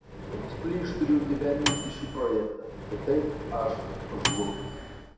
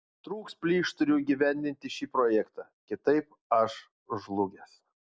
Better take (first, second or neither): second